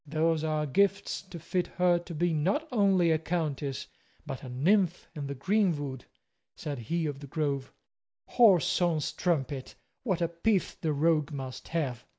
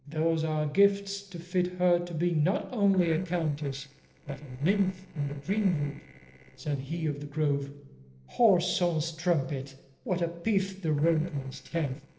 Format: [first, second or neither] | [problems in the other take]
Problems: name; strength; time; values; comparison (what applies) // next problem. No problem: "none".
first | noise reduction (neural separator model SepFormer DNS4)